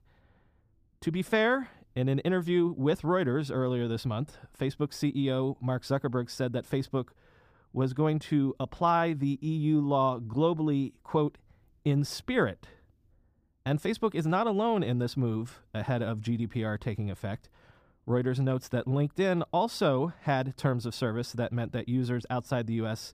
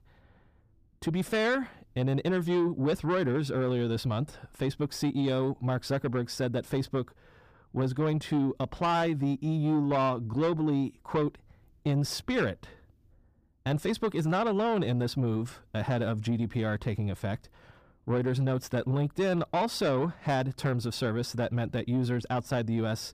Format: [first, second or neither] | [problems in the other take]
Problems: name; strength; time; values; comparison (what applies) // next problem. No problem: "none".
first | distortion; slight; 10 dB below the speech